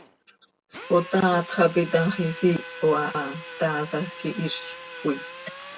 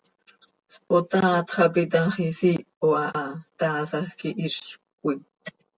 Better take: second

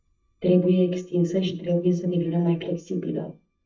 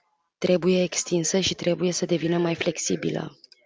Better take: second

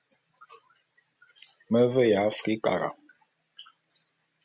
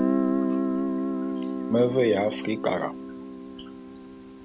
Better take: first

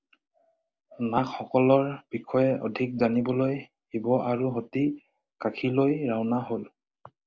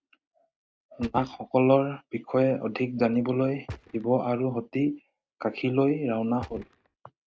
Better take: first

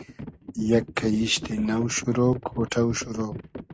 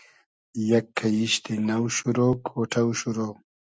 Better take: second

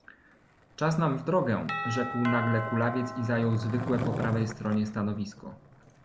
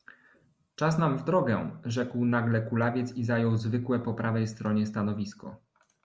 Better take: second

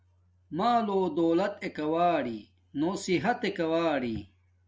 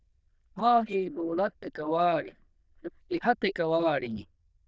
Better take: first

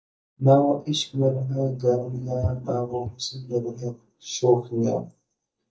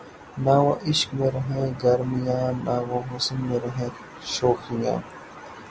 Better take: second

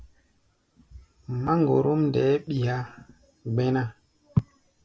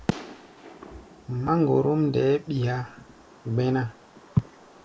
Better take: first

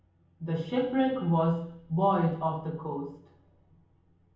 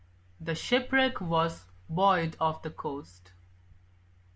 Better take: second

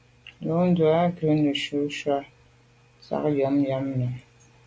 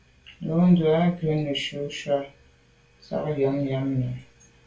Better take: first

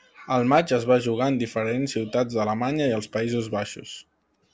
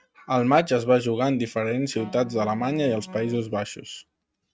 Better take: first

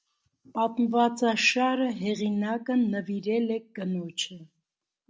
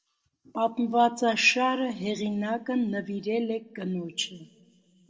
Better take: first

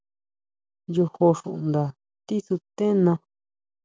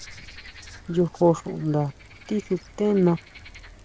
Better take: first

